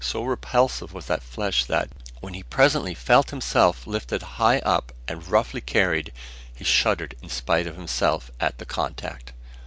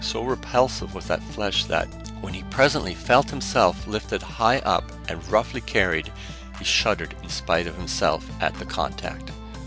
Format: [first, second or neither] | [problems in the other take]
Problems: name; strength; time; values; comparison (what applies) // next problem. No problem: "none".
first | background sound (Organ); 14 dB below the speech